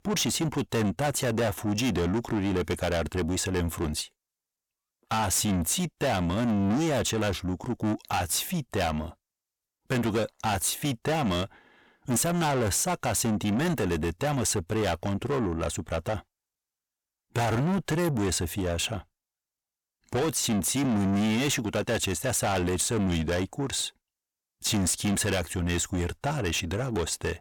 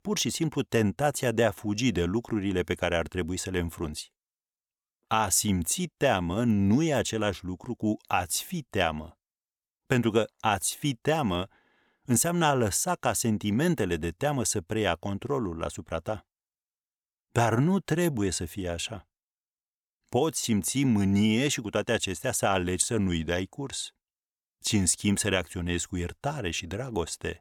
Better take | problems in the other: second | distortion; heavy; 7 dB below the speech

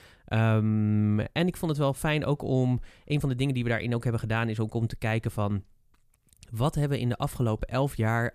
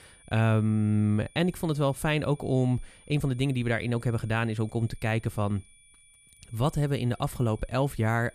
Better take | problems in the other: first | high-pitched whine; faint; throughout; 9.5 kHz, 25 dB below the speech

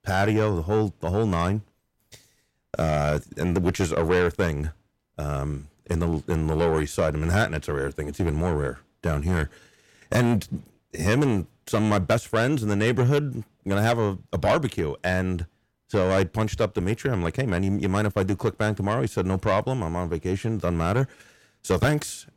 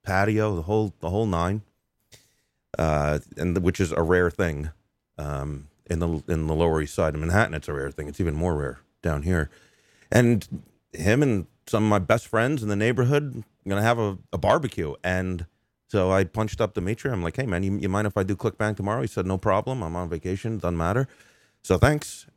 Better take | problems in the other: second | distortion; slight; 10 dB below the speech

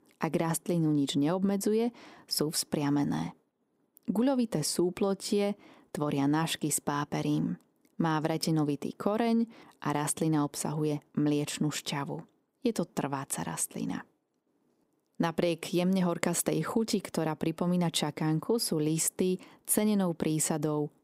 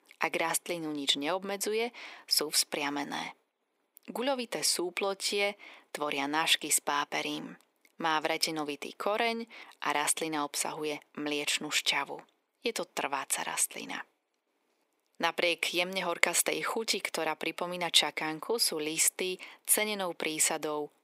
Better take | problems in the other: first | thin; somewhat; fading below 550 Hz

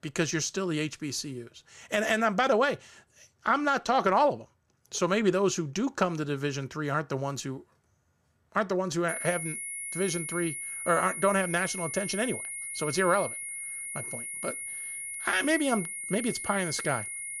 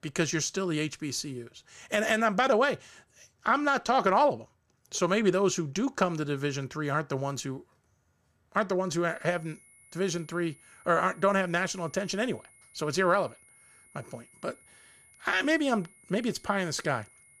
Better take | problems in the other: second | high-pitched whine; loud; from 9 s on; 2 kHz, 6 dB below the speech; faint in the second

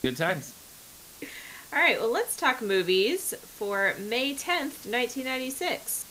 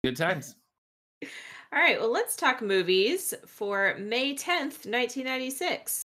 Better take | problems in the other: second | hiss; noticeable; throughout; 20 dB below the speech

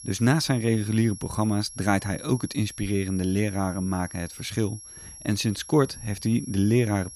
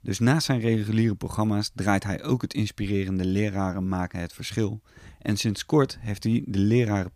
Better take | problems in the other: second | high-pitched whine; noticeable; throughout; 11 kHz, 15 dB below the speech

